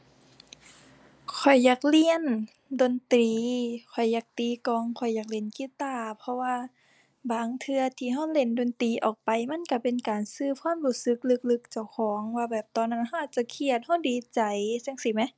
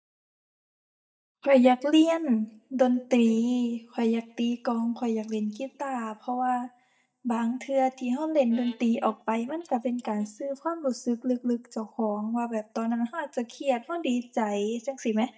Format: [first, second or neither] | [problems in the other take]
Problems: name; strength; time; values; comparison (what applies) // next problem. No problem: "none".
first | noise reduction (neural mask model DeepFilterNet 3)